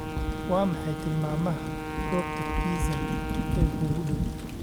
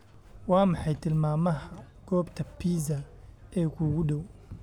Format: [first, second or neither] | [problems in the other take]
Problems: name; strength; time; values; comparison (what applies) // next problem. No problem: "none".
second | background sound (Wind instrument, woodwind instrument + Thunder / Rain); 1 dB above the speech